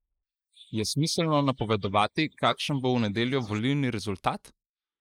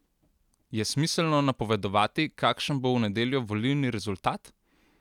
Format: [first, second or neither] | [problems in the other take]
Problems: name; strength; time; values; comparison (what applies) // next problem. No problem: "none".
second | noise reduction (neural mask model Resemble Enhance denoiser)